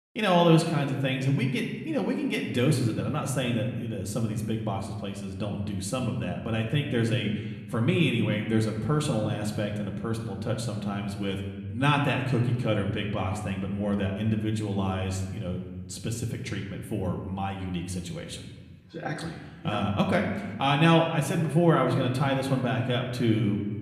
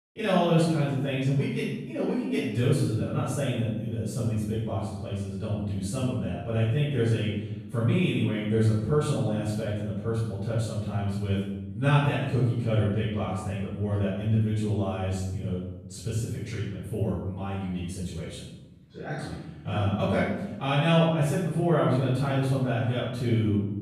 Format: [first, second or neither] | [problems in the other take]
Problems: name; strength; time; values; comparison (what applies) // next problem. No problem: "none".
first | room echo; strong; dies away in 0.9 s; slight in the first // off-mic speech; far; somewhat distant in the first